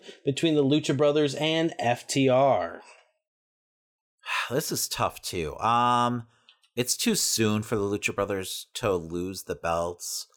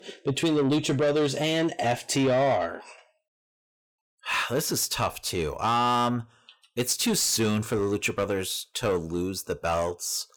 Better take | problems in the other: first | distortion; slight; 10 dB below the speech

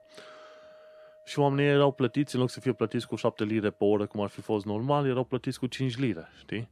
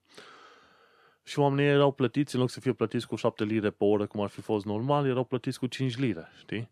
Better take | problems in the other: second | background music; faint; throughout; 30 dB below the speech

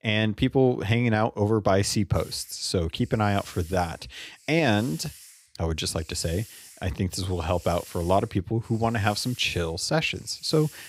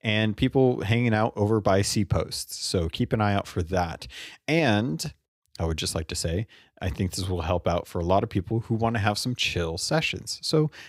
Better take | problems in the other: second | hiss; faint; from 2 s on; 20 dB below the speech

